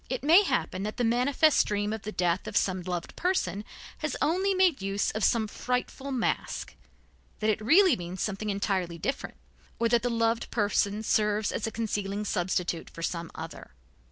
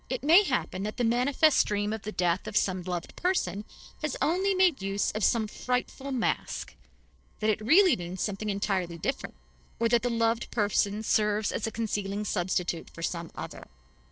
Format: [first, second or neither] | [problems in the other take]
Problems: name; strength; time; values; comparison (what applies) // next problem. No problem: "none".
first | noise reduction (neural separator model SepFormer DNS4)